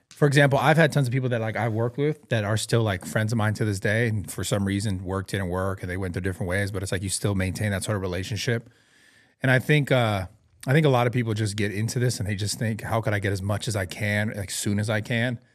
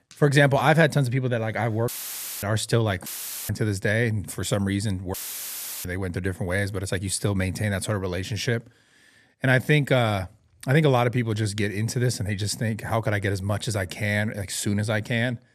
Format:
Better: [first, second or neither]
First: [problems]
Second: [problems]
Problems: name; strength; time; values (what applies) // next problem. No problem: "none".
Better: first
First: none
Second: audio cutting out; filled with static; at 2 s for 0.5 s, at 3 s and at 5 s for 0.5 s